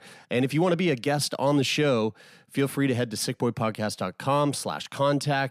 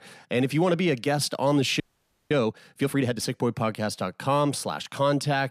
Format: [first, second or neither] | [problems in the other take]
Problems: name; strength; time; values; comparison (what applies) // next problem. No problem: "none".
first | audio freezing; at 2 s for 0.5 s